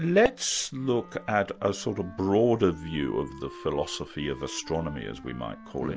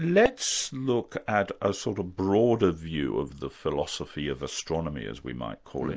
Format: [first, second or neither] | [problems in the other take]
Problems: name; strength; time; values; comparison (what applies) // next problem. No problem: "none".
second | background sound (Wind instrument, woodwind instrument); 18 dB below the speech